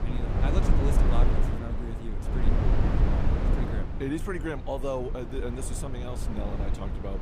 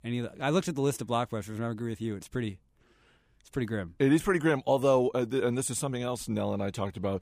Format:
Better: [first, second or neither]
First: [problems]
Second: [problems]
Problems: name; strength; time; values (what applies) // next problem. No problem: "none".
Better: second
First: low rumble; loud; throughout; 1 dB below the speech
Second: none